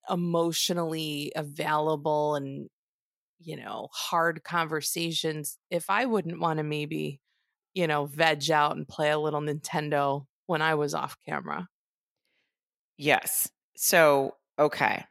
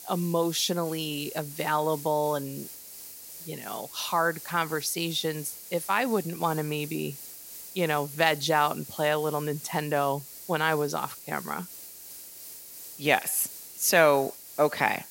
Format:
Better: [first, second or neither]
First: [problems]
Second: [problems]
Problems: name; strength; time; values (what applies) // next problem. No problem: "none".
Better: first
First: none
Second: hiss; noticeable; throughout; 15 dB below the speech